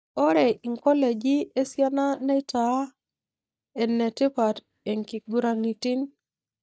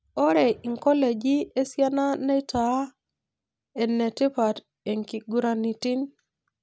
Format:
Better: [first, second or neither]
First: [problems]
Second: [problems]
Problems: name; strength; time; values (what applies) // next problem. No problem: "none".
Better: second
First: noise reduction (neural mask model DeepFilterNet 3)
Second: none